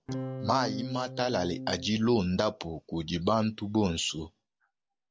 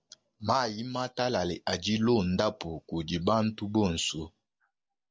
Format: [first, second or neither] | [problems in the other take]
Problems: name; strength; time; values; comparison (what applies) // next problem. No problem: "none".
second | background sound (Electric guitar / Strum); 6 dB below the speech